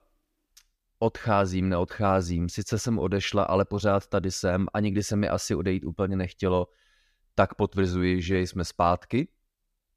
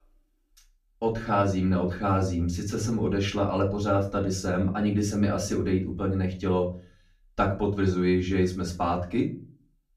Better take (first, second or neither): first